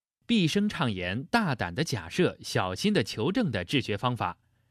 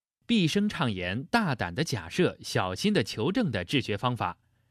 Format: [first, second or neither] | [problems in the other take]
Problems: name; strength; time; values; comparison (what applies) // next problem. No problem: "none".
neither | none